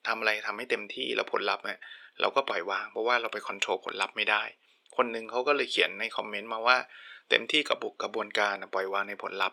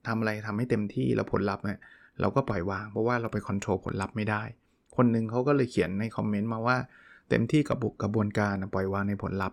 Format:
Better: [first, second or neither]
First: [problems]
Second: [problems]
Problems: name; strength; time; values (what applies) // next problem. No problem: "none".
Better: second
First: thin; very; fading below 500 Hz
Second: none